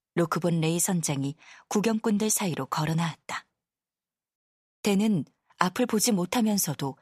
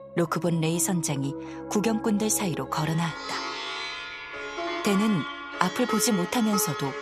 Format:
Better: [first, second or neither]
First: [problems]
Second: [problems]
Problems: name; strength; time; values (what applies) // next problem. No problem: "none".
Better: first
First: none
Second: background music; loud; throughout; 7 dB below the speech